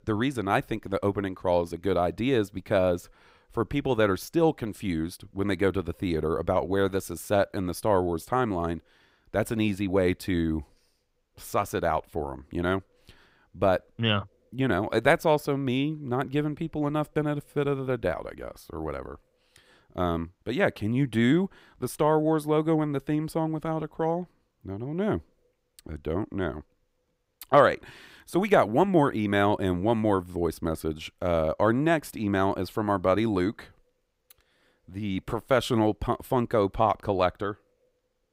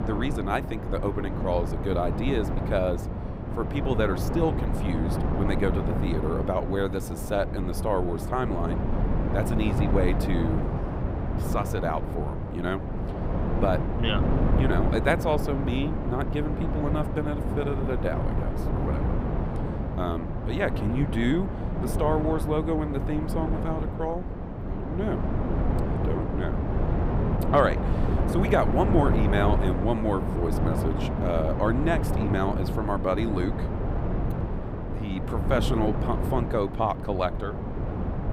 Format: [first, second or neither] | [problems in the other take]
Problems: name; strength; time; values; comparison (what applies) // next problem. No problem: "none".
first | wind noise on the microphone; heavy; 5 dB below the speech